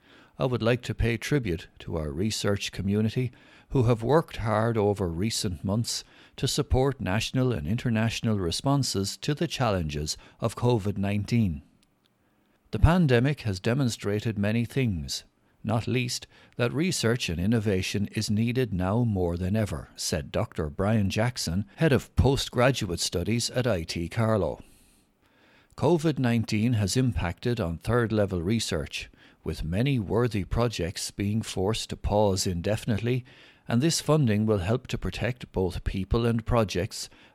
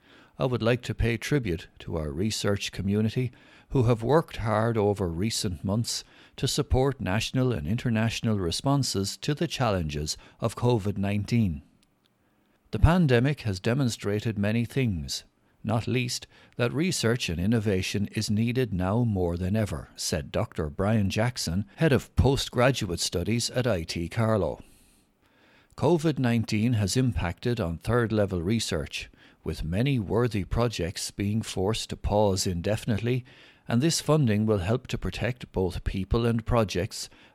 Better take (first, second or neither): neither